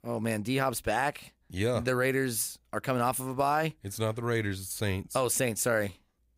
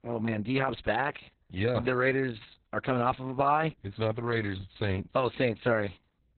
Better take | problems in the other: first | garbled, watery; badly; nothing above 4 kHz

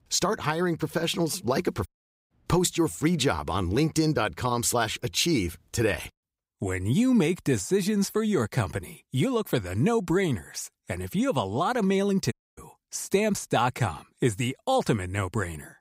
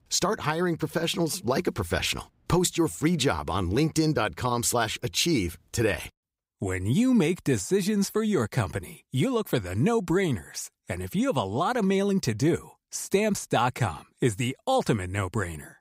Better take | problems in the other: second | audio cutting out; at 2 s and at 12 s

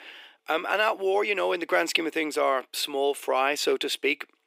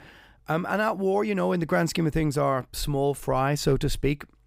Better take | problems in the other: second | thin; very; fading below 350 Hz

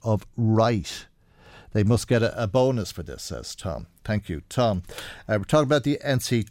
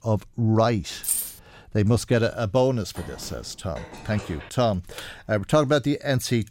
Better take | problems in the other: first | jangling keys; noticeable; at 1 s; peak level with the speech // phone ringing; faint; from 3 to 4.5 s; peak 15 dB below the speech

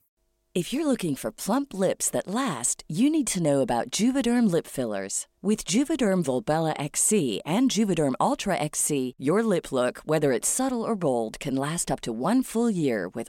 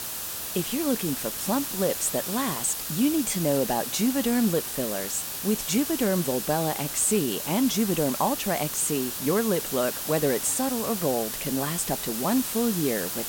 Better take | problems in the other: first | hiss; loud; throughout; 4 dB below the speech

